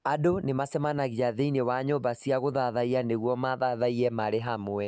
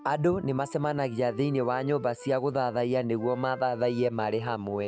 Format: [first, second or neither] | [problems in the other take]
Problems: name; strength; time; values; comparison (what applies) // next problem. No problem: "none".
first | background sound (Wind instrument, woodwind instrument); 18 dB below the speech